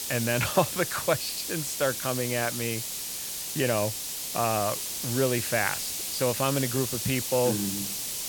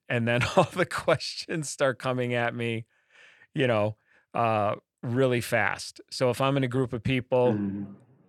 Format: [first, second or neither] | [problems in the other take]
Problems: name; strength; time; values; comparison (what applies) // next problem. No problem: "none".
second | hiss; loud; throughout; 2 dB below the speech